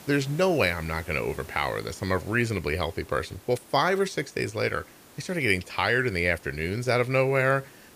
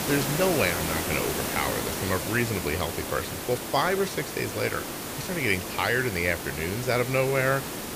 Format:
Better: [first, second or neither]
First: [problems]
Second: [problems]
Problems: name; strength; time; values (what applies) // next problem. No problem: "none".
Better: first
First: hiss; faint; throughout; 25 dB below the speech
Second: hiss; loud; throughout; 4 dB below the speech